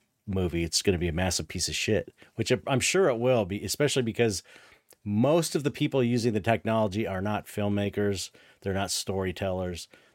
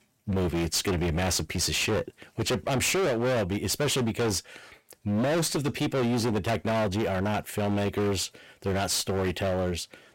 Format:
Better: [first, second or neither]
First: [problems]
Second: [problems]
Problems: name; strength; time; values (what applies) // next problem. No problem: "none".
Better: first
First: none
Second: distortion; heavy; 28% of the sound clipped